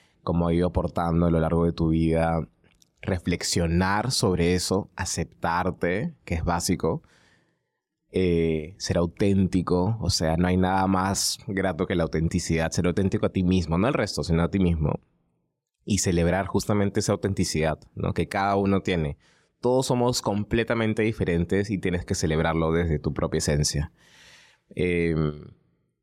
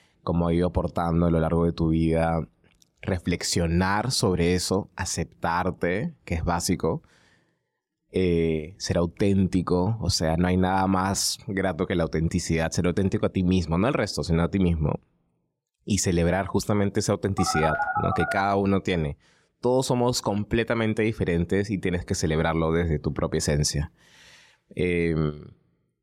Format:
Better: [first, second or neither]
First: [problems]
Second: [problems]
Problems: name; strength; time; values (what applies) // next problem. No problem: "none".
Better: first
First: none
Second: phone ringing; noticeable; from 17 to 18 s; peak 1 dB below the speech